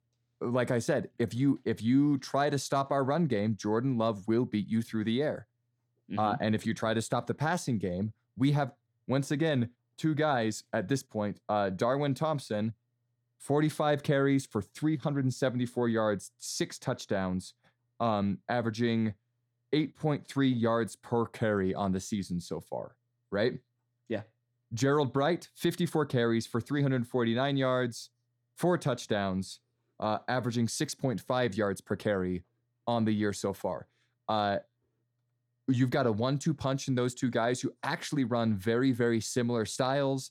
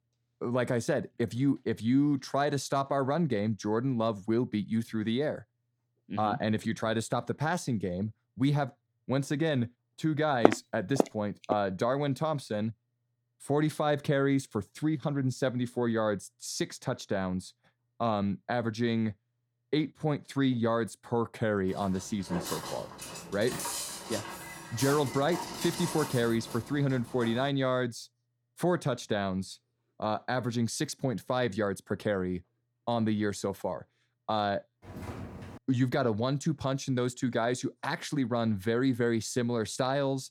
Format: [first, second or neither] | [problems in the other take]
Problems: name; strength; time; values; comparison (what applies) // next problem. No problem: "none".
first | footsteps; loud; from 10 to 12 s; peak 5 dB above the speech // footsteps; noticeable; from 22 to 27 s; peak 2 dB below the speech // footsteps; faint; at 35 s; peak 10 dB below the speech